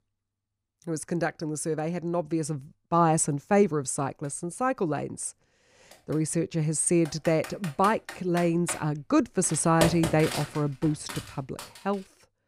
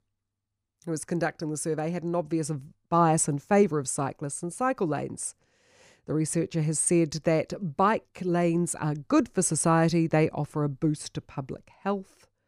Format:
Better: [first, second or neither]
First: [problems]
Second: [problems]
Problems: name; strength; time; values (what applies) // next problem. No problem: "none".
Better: second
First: keyboard typing; noticeable; from 7.5 to 12 s; peak 1 dB below the speech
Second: none